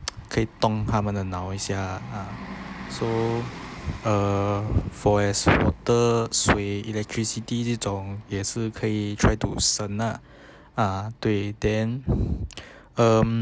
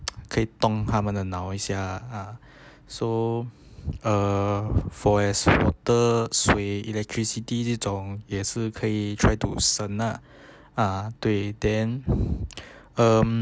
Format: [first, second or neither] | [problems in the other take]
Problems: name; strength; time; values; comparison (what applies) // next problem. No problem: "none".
second | background sound (Bus); 19 dB below the speech